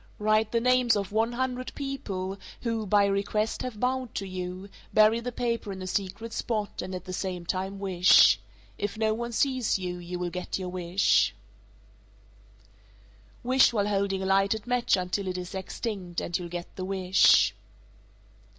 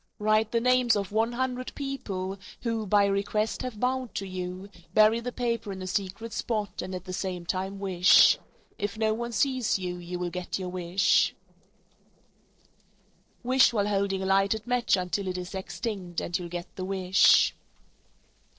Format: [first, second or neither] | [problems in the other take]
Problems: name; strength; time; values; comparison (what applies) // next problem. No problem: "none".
first | noise reduction (neural separator model SepFormer DNS4)